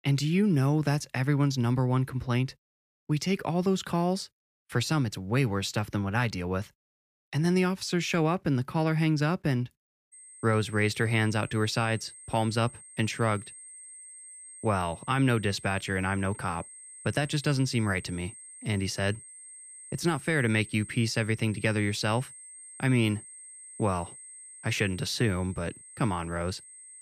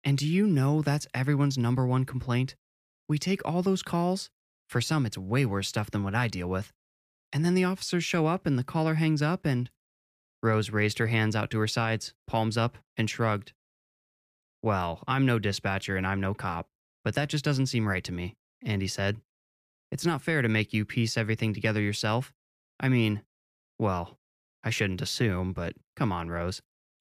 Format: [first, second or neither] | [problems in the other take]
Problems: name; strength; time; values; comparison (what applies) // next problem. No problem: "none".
second | high-pitched whine; noticeable; from 10 s on; 8.5 kHz, 15 dB below the speech